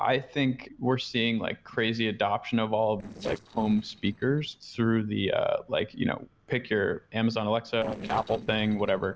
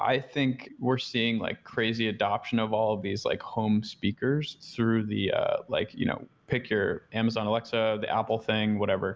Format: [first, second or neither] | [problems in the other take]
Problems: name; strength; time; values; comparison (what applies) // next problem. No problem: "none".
second | noise reduction (neural separator model SepFormer DNS4)